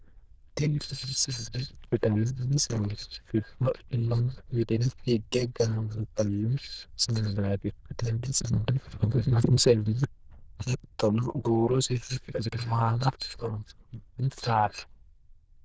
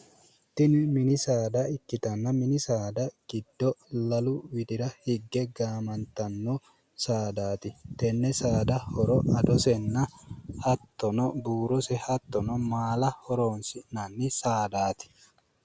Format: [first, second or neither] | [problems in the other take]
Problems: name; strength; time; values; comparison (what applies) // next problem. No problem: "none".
second | noise reduction (neural diffusion model UNIVERSE++)